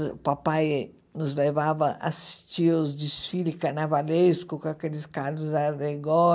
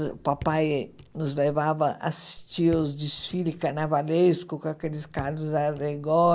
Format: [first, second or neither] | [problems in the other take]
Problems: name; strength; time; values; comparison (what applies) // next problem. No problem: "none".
first | background sound (Raindrop / Drip); 19 dB below the speech